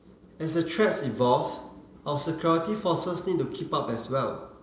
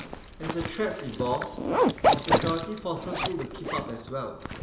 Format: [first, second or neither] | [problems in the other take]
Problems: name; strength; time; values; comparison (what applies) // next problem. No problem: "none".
first | background sound (Zipper (clothing)); 4 dB above the speech